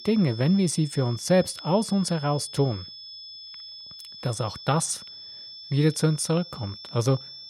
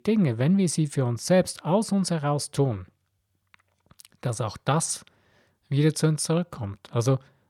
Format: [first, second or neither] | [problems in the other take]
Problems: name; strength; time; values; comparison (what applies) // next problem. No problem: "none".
second | high-pitched whine; noticeable; throughout; 5 kHz, 15 dB below the speech